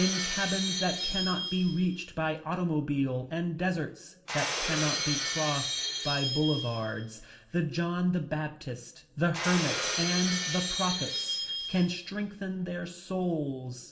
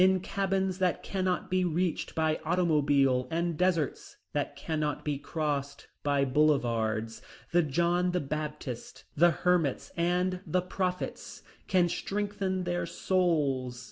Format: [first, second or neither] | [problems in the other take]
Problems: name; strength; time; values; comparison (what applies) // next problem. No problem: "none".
second | background sound (Shatter); 4 dB below the speech // room echo; dies away in 0.7 s